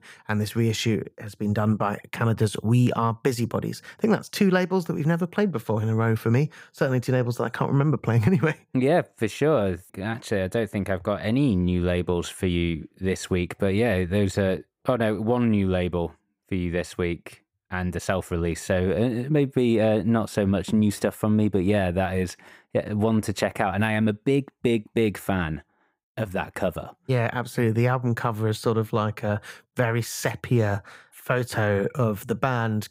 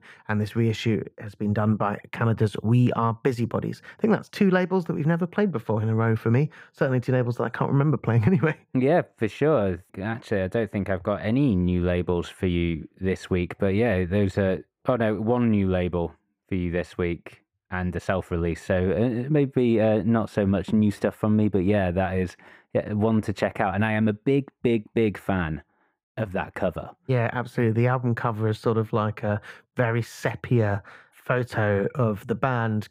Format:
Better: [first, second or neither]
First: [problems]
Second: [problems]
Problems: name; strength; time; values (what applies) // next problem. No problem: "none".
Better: first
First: none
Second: muffled; slightly; fading above 4 kHz